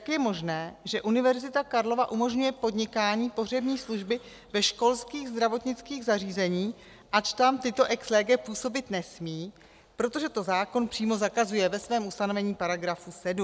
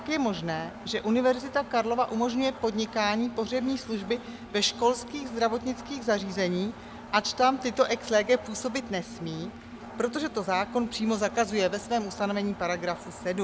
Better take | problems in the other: first | background sound (Engine); 14 dB below the speech

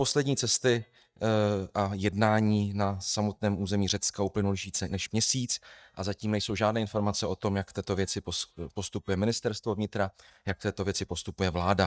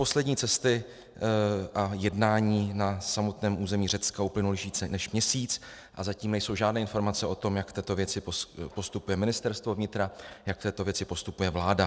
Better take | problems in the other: second | noise reduction (neural mask model DeepFilterNet 3)

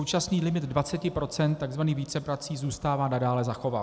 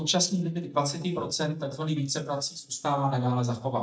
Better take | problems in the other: first | noise reduction (neural mask model DeepFilterNet 3)

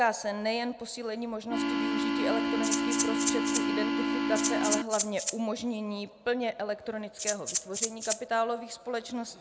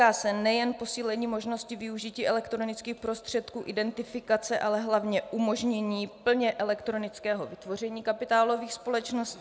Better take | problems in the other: second | background sound (Organ + Rattle (instrument)); 4 dB above the speech

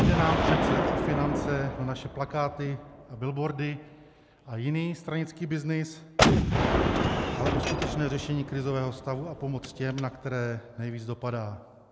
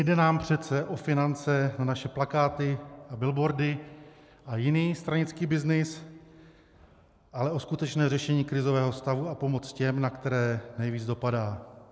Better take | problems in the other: second | background sound (Gunshot, gunfire); 2 dB above the speech

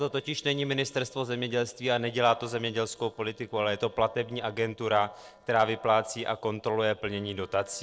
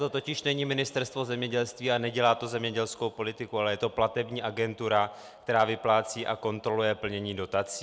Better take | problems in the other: second | noise reduction (neural separator model SepFormer DNS4)

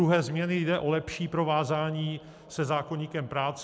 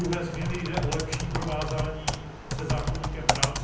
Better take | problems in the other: first | background sound (Typing); 3 dB above the speech // room echo; dies away in 0.8 s

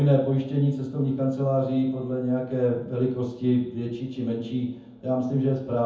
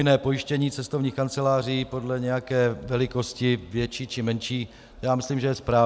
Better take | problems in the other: second | room echo; dies away in 0.7 s

